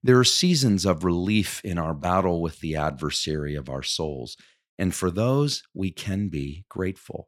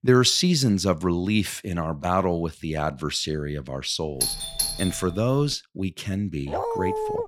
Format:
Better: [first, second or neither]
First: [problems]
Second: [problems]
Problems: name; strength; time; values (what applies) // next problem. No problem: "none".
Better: first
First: none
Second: doorbell; noticeable; at 4 s; peak level with the speech // dog barking; noticeable; at 6.5 s; peak 2 dB below the speech